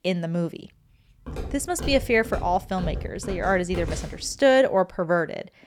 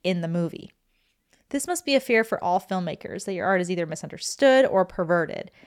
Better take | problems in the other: second | footsteps; noticeable; from 1.5 to 4.5 s; peak 8 dB below the speech

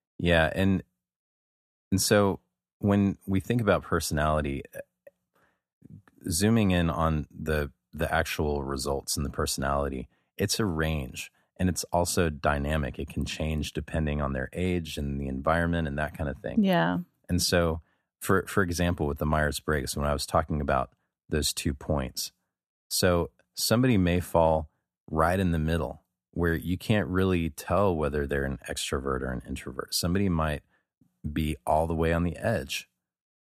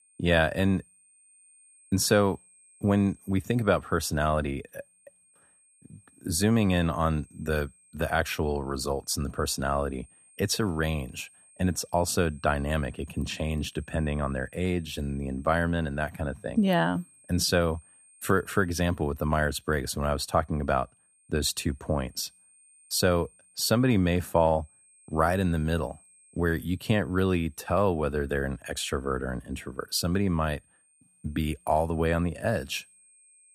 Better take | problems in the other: first | high-pitched whine; faint; throughout; 8.5 kHz, 30 dB below the speech

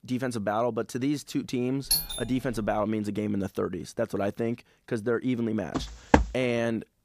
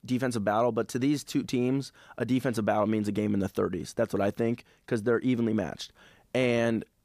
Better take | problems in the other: second | doorbell; loud; at 2 s; peak 4 dB above the speech // footsteps; loud; at 6 s; peak 6 dB above the speech

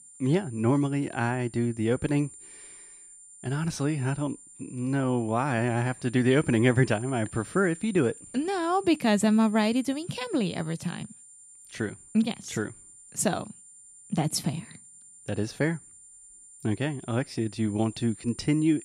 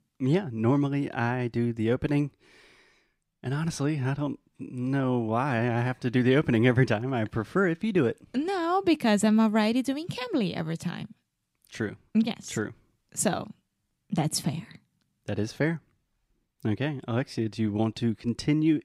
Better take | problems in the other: second | high-pitched whine; noticeable; throughout; 9 kHz, 20 dB below the speech

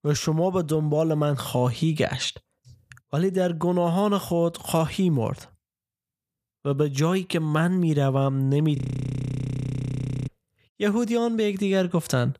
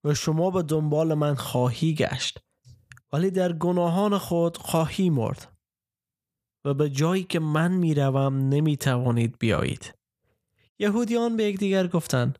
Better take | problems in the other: second | audio freezing; at 9 s for 1.5 s

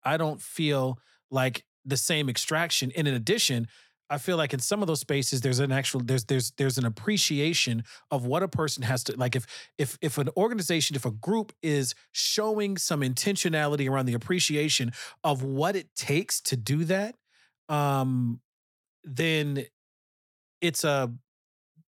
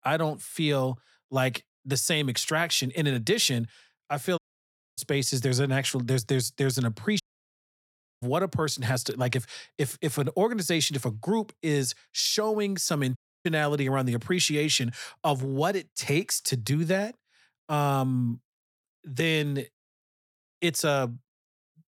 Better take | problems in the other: first | audio cutting out; at 4.5 s for 0.5 s, at 7 s for 1 s and at 13 s

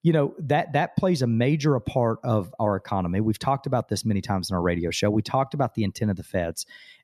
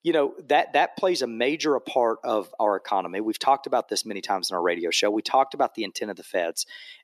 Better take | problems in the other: first | thin; very; fading below 350 Hz

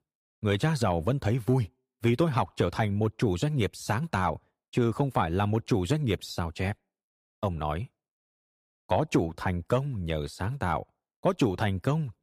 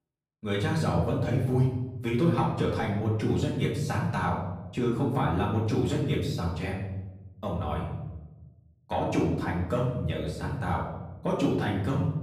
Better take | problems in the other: first | room echo; noticeable; dies away in 1 s // off-mic speech; far

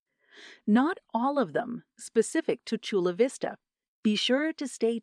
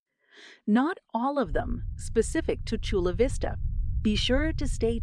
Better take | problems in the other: first | low rumble; faint; from 1.5 s on; 25 dB below the speech

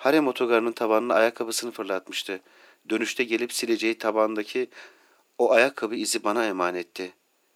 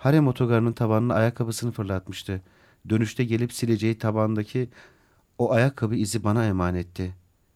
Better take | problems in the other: second | thin; very; fading below 350 Hz

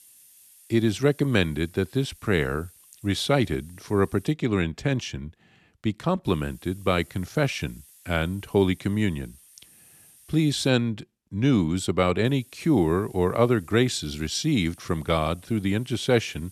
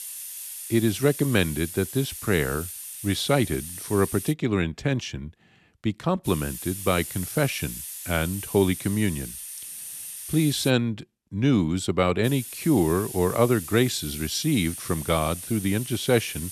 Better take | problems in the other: first | hiss; loud; until 4.5 s, from 6.5 to 11 s and from 12 s on; 10 dB below the speech; faint in the first

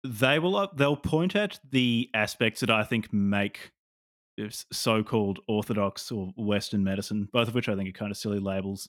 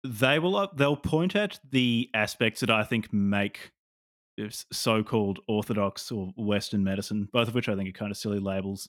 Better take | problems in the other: neither | none

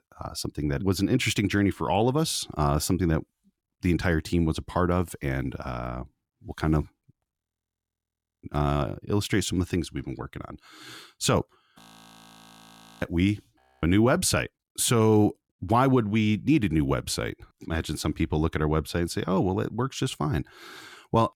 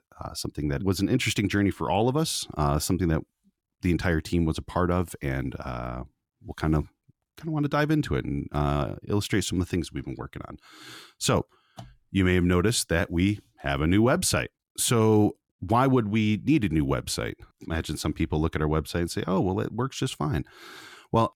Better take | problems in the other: second | audio freezing; at 7.5 s for 1 s, at 12 s for 1 s and at 14 s

